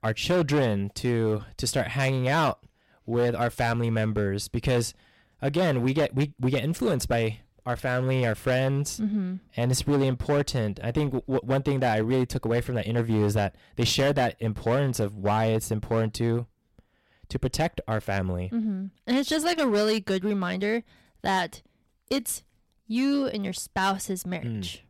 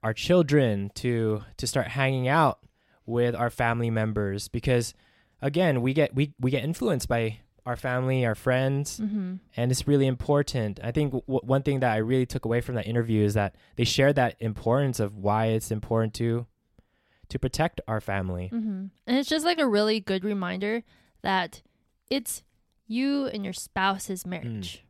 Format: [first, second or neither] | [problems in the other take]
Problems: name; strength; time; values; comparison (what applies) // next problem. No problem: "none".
second | distortion; slight; 8% of the sound clipped